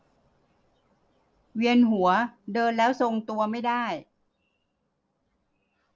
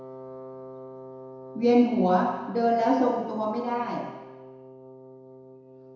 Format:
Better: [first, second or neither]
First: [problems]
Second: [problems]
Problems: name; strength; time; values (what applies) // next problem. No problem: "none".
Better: first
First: none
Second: background sound (Wind instrument, woodwind instrument); 16 dB below the speech // room echo; dies away in 1 s